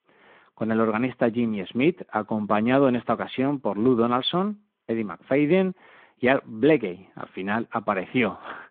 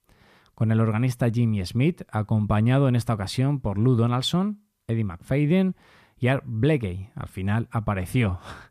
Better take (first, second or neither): second